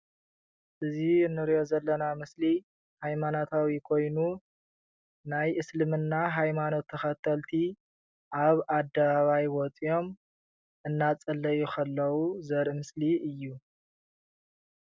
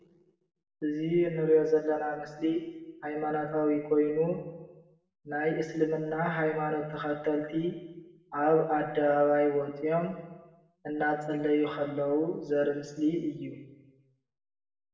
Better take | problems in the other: first | room echo; dies away in 1.1 s

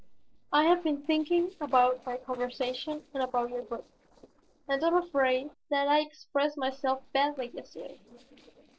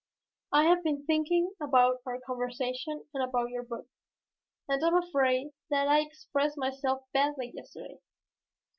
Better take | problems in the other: second | noise reduction (neural separator model SepFormer DNS4)

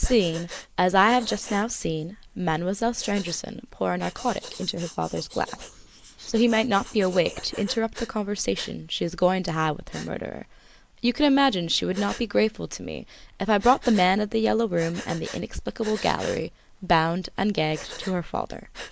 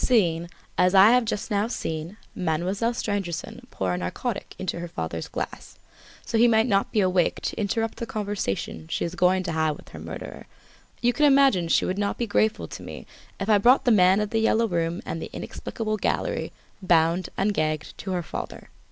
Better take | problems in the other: second | noise reduction (neural mask model Resemble Enhance denoiser)

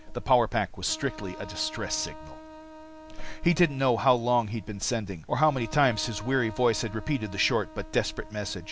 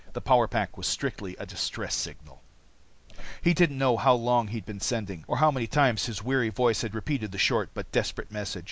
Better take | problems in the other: second | background sound (Wind instrument, woodwind instrument); 18 dB below the speech

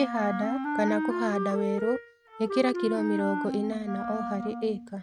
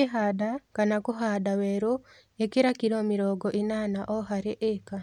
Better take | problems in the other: second | noise reduction (neural mask model RNNoise)

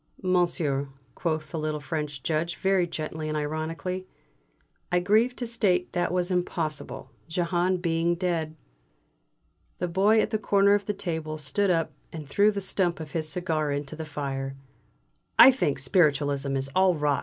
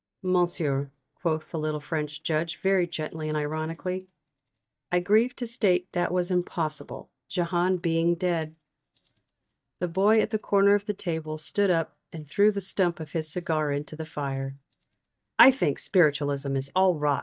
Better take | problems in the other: first | noise reduction (neural mask model DeepFilterNet 3)

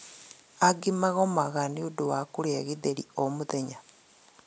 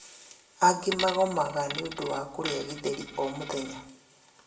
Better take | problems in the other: first | background sound (Coin (dropping)); 9 dB below the speech // room echo; dies away in 0.6 s

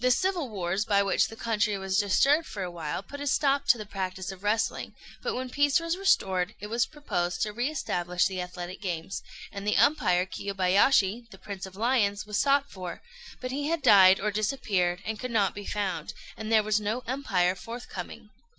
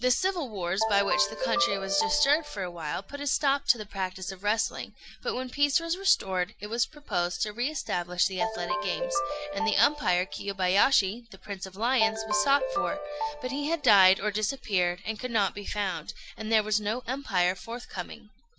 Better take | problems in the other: first | background sound (Ringtone); 4 dB below the speech

